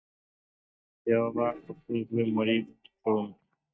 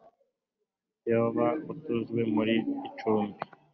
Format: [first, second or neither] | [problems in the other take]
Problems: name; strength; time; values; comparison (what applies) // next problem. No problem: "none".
second | noise reduction (neural mask model DeepFilterNet 3)